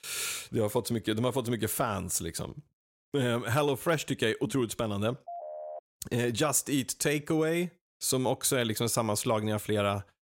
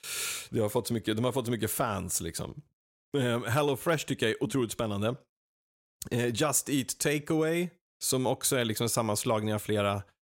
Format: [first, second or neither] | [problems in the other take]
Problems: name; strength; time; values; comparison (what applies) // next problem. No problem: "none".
second | phone ringing; faint; at 5.5 s; peak 10 dB below the speech